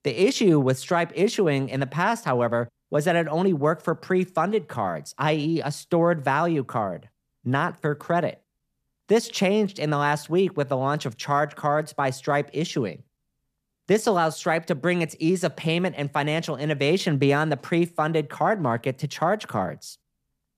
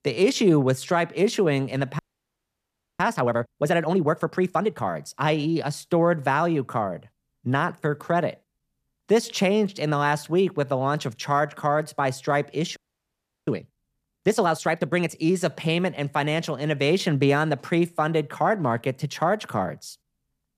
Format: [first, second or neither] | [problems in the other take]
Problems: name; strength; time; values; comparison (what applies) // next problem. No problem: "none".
first | audio freezing; at 2 s for 1 s and at 13 s for 0.5 s